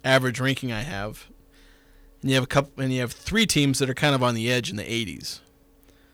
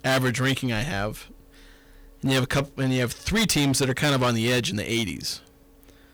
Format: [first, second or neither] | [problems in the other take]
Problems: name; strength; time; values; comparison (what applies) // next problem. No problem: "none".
first | distortion; heavy; 11% of the sound clipped